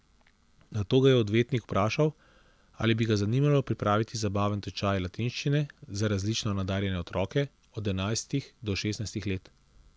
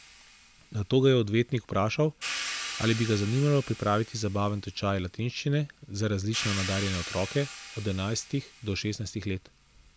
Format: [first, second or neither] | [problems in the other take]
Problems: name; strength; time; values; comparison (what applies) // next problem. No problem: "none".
first | background sound (Hi-hat); 12 dB below the speech